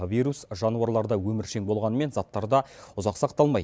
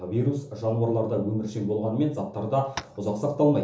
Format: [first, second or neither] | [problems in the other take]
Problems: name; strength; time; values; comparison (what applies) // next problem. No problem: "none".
first | background sound (Tap); 13 dB below the speech // room echo; dies away in 1.2 s